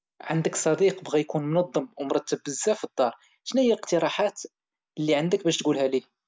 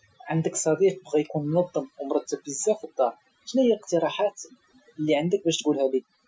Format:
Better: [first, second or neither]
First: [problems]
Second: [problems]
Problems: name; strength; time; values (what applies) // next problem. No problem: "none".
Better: first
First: none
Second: noise reduction (classical method Wiener filter)